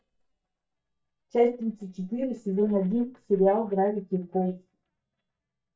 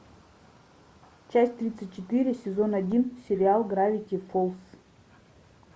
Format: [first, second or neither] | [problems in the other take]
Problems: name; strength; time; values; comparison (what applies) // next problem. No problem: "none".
second | noise reduction (neural mask model DeepFilterNet 3)